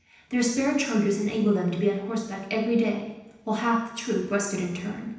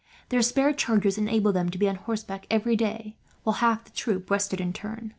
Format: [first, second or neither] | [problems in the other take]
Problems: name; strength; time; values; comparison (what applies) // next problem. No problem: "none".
second | room echo; dies away in 0.9 s